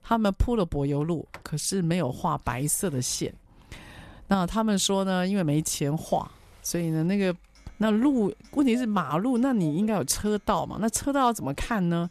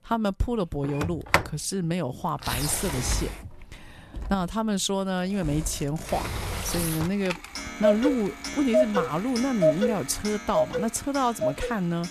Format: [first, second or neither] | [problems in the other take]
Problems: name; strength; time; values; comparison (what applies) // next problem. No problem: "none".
first | household noises; loud; throughout; 1 dB below the speech; faint in the first